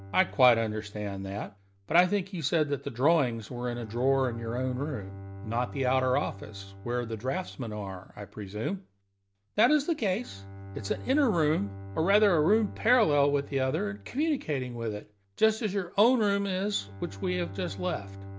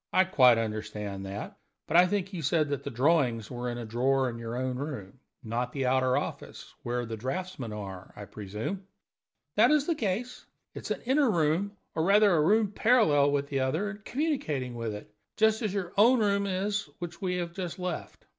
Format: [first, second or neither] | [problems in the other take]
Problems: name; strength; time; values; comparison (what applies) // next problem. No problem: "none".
second | background sound (Bowed string instrument); 15 dB below the speech